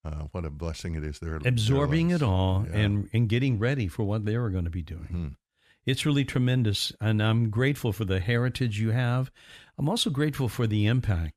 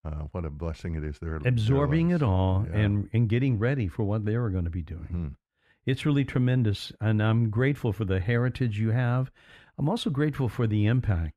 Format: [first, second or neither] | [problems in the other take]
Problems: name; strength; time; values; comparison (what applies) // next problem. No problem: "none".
first | muffled; slightly; fading above 3 kHz